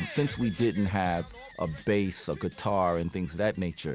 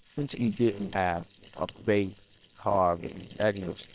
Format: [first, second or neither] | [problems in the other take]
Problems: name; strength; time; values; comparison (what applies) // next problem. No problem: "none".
first | noise reduction (neural separator model SepFormer WHAM!)